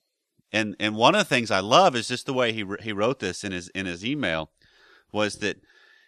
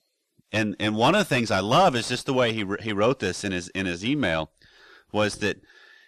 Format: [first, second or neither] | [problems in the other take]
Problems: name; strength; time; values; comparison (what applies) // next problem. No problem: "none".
first | distortion; heavy; 7 dB below the speech